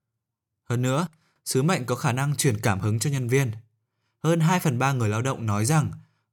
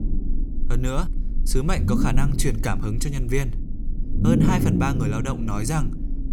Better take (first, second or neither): first